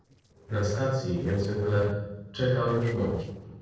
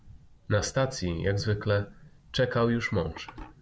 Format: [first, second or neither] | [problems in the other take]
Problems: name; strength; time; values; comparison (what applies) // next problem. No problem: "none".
second | noise reduction (neural separator model SepFormer DNS4)